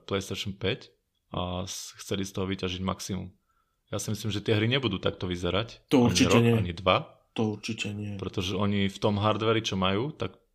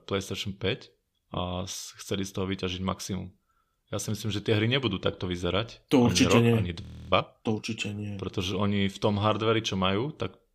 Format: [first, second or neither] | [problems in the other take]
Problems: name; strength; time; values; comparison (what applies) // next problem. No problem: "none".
first | audio freezing; at 7 s